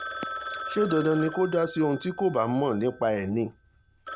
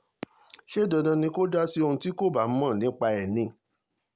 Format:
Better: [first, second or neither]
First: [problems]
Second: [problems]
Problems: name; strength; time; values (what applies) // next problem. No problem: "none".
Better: second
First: background sound (Telephone); 12 dB below the speech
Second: none